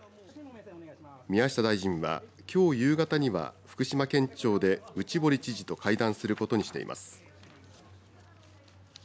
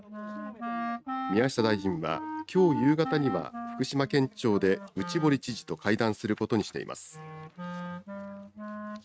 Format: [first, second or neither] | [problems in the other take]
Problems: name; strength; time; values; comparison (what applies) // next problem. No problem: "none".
first | noise reduction (neural mask model RNNoise)